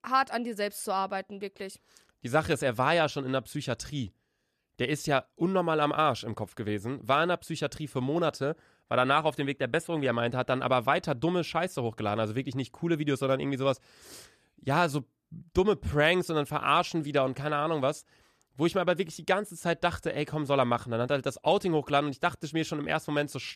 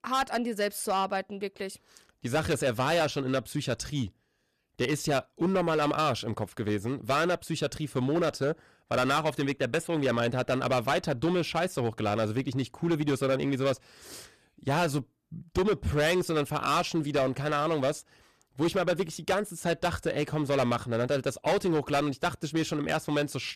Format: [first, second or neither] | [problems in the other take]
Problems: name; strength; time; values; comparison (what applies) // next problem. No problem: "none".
first | distortion; heavy; 9% of the sound clipped